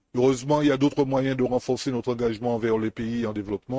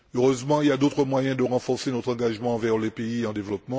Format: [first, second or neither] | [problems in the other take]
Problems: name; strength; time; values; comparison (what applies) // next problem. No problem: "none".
second | noise reduction (neural mask model RNNoise)